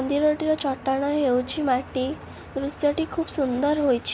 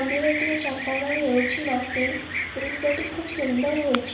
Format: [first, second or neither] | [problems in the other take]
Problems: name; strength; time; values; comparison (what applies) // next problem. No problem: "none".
first | background sound (Bird vocalization, bird call, bird song); 4 dB below the speech // room echo; dies away in 0.7 s